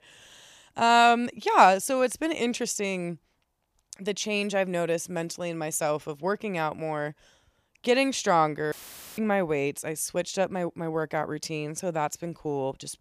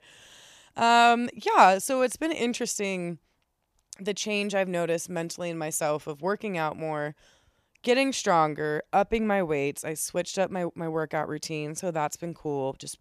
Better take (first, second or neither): second